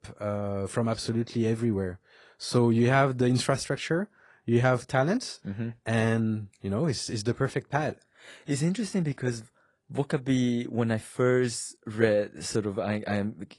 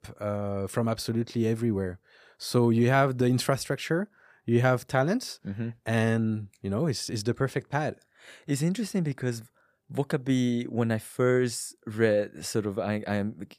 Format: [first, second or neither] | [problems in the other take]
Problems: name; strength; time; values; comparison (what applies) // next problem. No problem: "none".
second | garbled, watery; slightly; nothing above 10.5 kHz